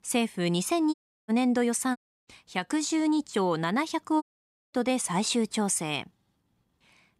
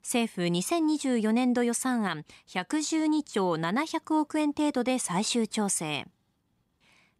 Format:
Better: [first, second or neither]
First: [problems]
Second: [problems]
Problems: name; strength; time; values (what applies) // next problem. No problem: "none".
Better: second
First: audio cutting out; at 1 s, at 2 s and at 4 s for 0.5 s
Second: none